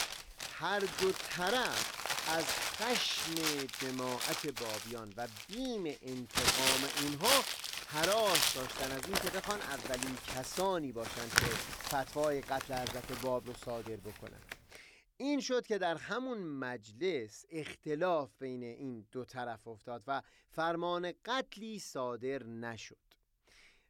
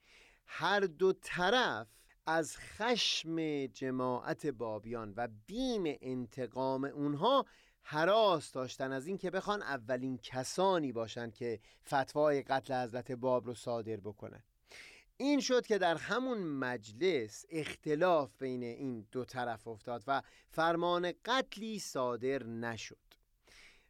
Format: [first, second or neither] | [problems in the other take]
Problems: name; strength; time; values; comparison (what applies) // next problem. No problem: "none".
second | household noises; very loud; until 15 s; 3 dB above the speech